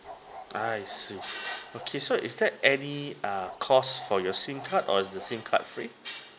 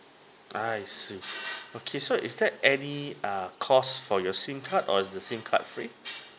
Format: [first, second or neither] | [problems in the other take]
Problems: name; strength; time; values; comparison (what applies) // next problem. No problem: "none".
second | background sound (Bark); 16 dB below the speech